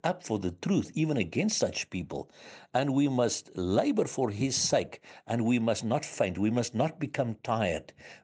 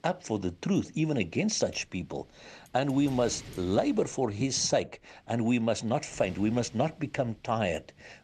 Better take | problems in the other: first | wind noise on the microphone; occasional gusts; 25 dB below the speech

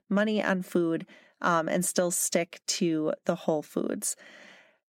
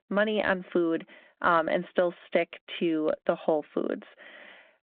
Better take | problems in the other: first | phone-call audio

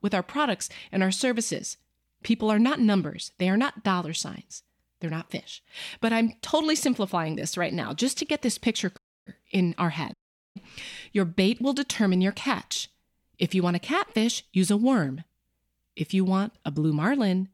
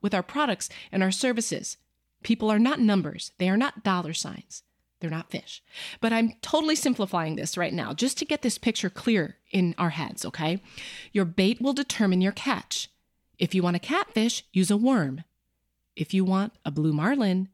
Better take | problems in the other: second | audio cutting out; at 9 s and at 10 s

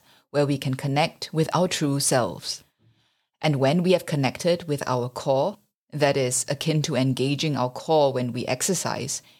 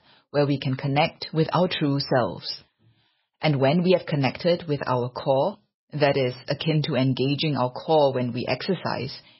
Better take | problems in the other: first | garbled, watery; badly; nothing above 5.5 kHz

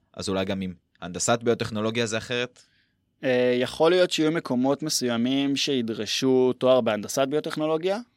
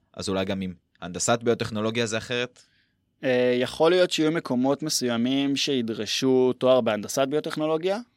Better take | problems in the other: neither | none

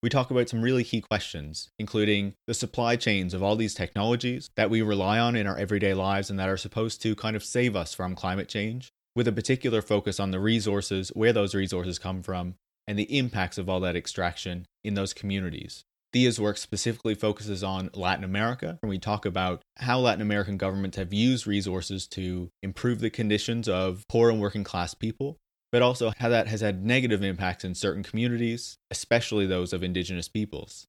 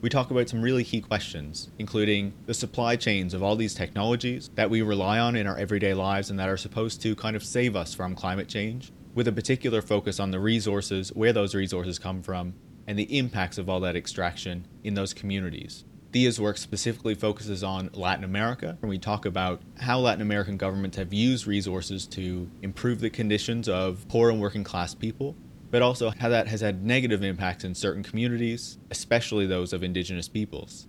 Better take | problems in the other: first | hiss; faint; throughout; 20 dB below the speech

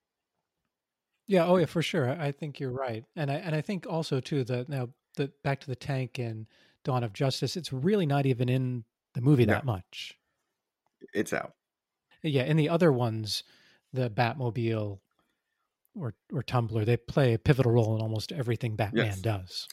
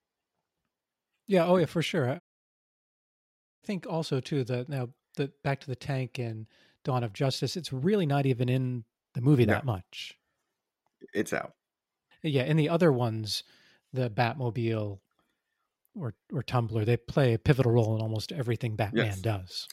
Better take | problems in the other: first | audio cutting out; at 2 s for 1.5 s

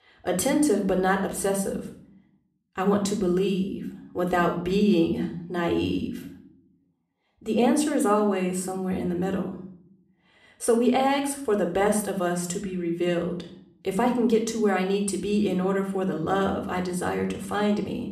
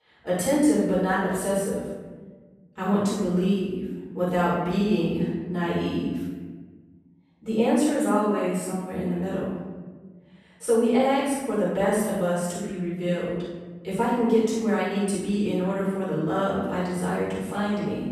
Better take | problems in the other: first | room echo; strong; dies away in 1.4 s; slight in the first // off-mic speech; far; somewhat distant in the first

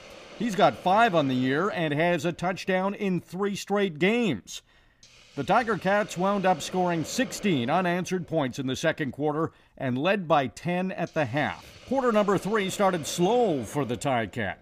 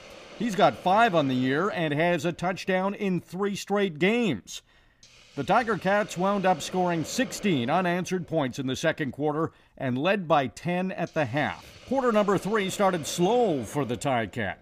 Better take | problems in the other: neither | hiss; noticeable; throughout; 20 dB below the speech; the same in both

